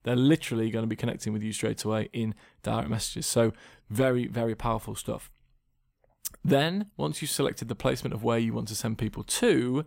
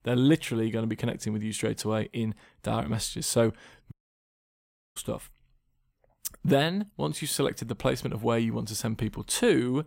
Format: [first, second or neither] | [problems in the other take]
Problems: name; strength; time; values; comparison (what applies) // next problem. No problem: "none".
first | audio cutting out; at 4 s for 1 s